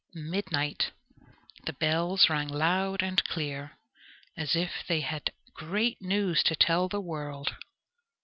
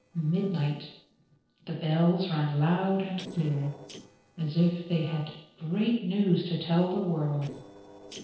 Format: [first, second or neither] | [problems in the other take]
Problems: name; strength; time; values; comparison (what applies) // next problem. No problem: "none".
first | noise reduction (neural separator model SepFormer DNS4)